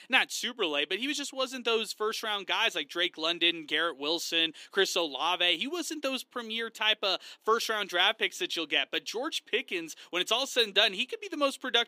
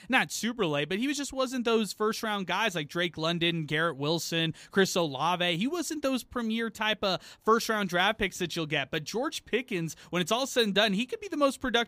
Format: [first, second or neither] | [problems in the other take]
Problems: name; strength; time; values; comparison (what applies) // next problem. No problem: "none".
second | thin; somewhat; fading below 300 Hz